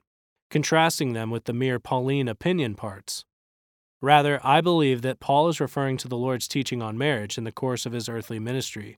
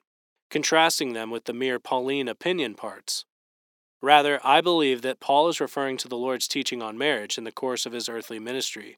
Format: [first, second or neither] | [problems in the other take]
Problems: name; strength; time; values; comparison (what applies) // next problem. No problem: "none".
first | thin; very slightly; fading below 300 Hz